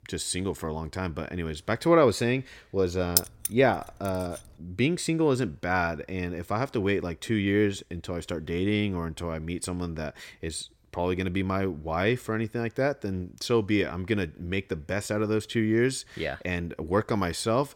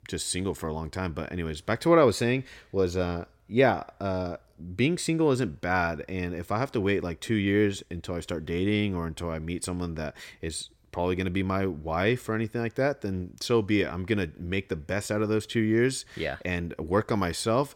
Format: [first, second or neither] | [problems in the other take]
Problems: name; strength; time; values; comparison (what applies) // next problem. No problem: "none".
second | jangling keys; loud; at 3 s; peak 3 dB above the speech